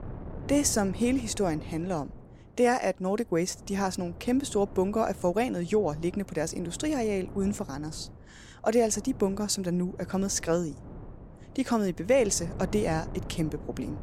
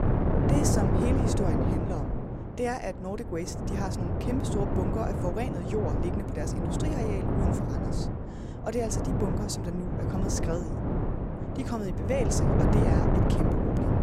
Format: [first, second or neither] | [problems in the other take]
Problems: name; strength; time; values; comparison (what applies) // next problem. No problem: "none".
first | wind noise on the microphone; heavy; 2 dB above the speech; occasional gusts in the first